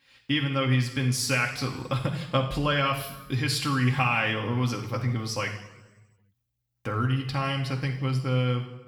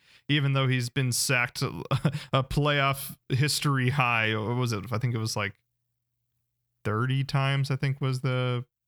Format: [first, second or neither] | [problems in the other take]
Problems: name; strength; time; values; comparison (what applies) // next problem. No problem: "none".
second | room echo; slight; dies away in 1 s // off-mic speech; somewhat distant